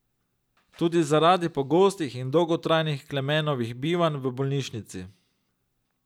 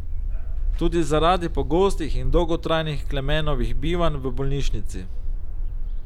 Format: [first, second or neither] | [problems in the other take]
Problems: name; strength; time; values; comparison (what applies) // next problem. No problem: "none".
first | background sound (Bark); 3 dB above the speech